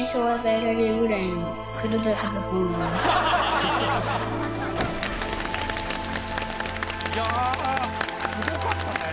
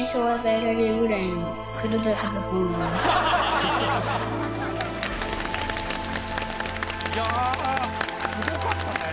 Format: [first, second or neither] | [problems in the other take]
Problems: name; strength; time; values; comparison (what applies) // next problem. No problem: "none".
second | background sound (Bus); 12 dB below the speech